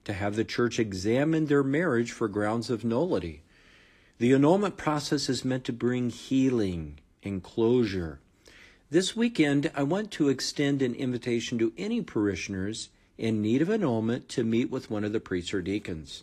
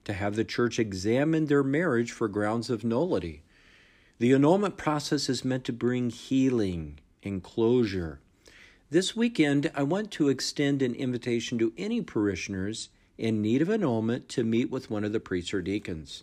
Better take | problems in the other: second | garbled, watery; slightly; nothing above 14 kHz

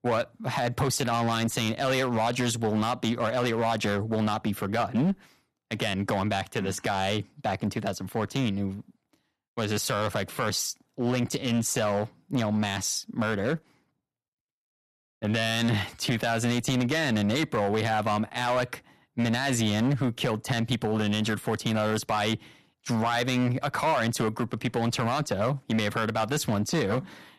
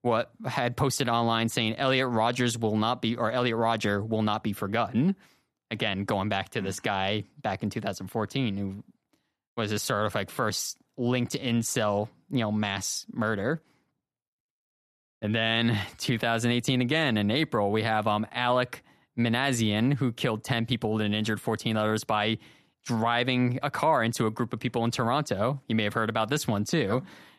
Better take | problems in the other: second | distortion; slight; 8% of the sound clipped

